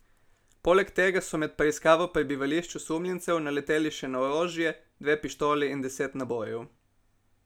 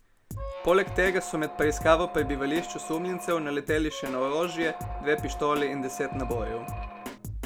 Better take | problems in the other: first | background sound (Drum kit + Squeak); 8 dB below the speech

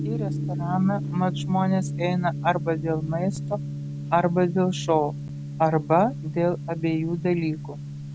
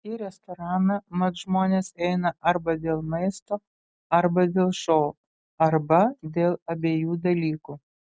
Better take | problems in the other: second | background sound (Gong); 6 dB below the speech

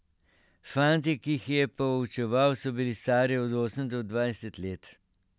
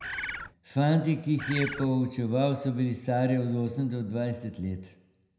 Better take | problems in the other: first | background sound (Bird); 8 dB below the speech // room echo; dies away in 0.8 s

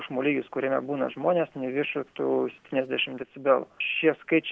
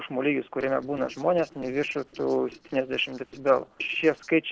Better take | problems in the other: first | noise reduction (neural separator model SepFormer DNS4)

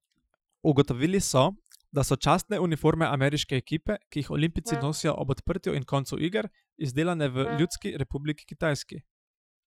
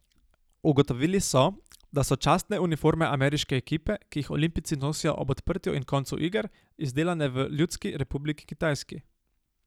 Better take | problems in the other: second | noise reduction (classical method Wiener filter)

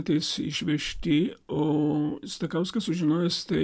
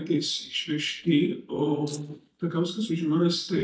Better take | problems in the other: first | noise reduction (neural mask model DeepFilterNet 3)

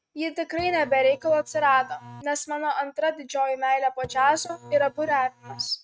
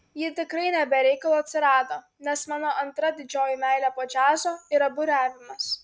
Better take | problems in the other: second | noise reduction (neural mask model RNNoise)

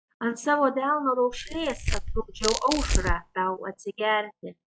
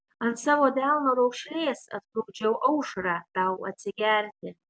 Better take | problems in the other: second | noise reduction (classical method log-MMSE)

